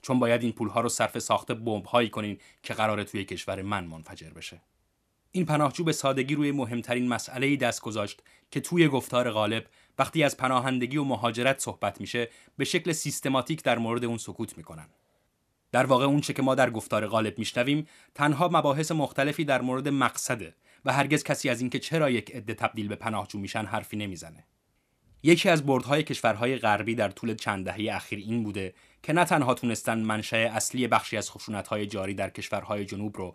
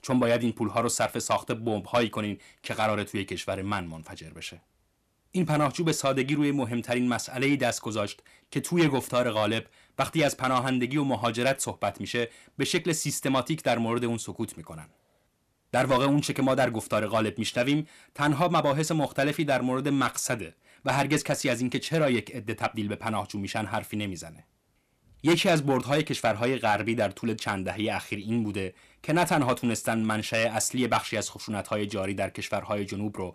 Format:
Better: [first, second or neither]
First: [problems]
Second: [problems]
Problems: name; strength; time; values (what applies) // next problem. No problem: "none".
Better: first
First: none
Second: distortion; slight; 10 dB below the speech